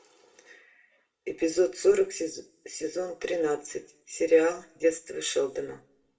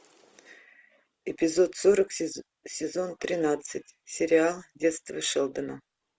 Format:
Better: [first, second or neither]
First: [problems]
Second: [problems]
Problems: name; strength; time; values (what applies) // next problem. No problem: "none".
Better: second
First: room echo; dies away in 0.3 s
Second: none